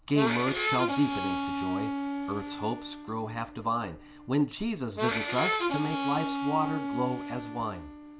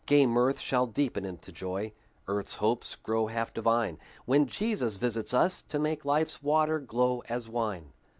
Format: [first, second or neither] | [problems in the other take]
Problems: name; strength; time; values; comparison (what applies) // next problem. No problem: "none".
second | background sound (Harmonica); 1 dB below the speech // room echo; dies away in 0.4 s